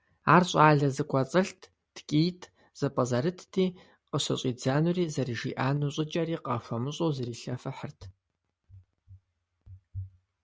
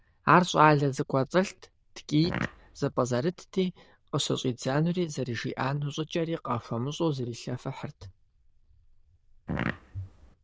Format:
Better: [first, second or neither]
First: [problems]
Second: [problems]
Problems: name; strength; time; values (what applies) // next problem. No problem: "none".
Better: first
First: none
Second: noise reduction (neural diffusion model UNIVERSE++)